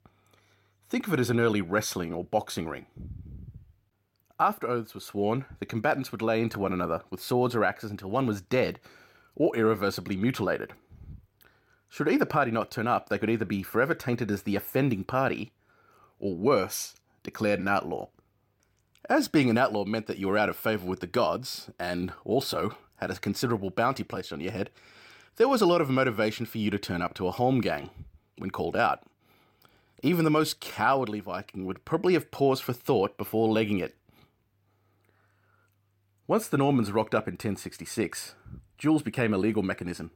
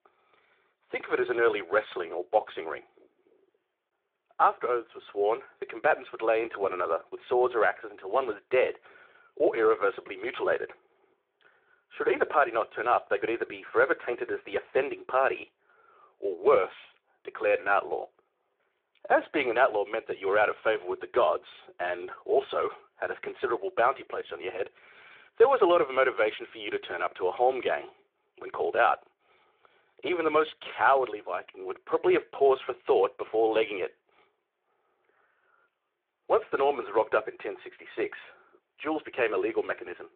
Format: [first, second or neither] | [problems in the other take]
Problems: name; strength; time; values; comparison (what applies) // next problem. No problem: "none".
first | phone-call audio